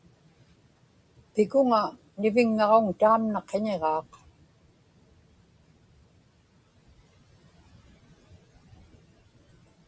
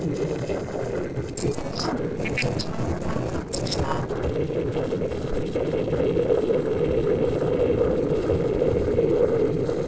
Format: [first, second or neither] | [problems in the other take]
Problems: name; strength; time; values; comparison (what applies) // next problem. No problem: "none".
first | noise reduction (neural separator model SepFormer DNS4)